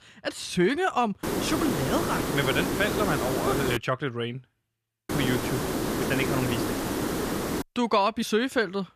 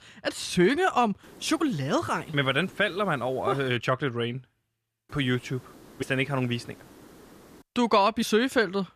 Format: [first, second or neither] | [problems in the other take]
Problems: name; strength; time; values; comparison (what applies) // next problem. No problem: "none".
second | hiss; loud; from 1 to 4 s and from 5 to 7.5 s; 1 dB below the speech; faint in the second